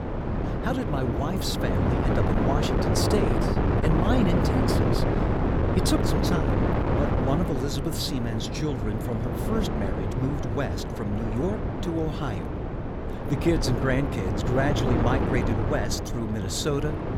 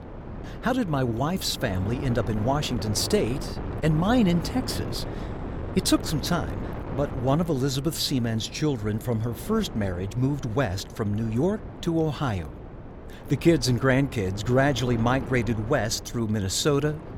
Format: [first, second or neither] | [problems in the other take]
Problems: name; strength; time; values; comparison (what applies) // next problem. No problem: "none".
second | wind noise on the microphone; heavy; 1 dB above the speech; occasional gusts in the second